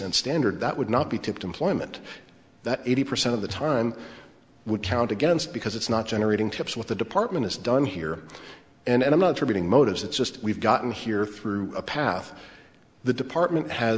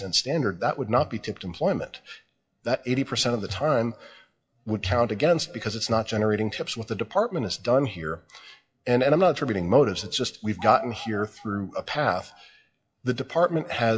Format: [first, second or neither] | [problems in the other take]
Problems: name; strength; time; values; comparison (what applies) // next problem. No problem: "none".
first | noise reduction (classical method WPE with log-MMSE)